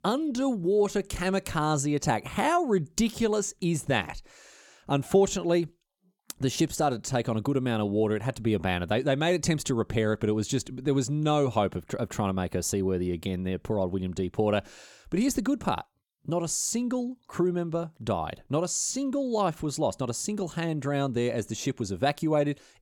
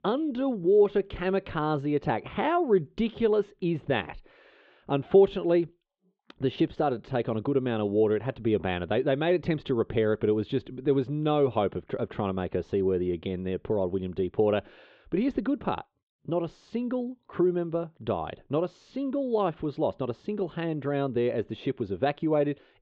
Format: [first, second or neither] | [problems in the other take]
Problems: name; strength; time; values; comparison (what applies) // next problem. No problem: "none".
first | muffled; very; fading above 3.5 kHz